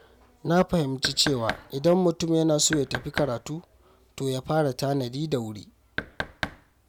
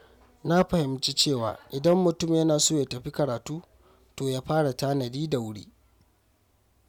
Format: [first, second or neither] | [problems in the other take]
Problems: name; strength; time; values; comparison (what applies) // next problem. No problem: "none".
second | background sound (Knock); 9 dB below the speech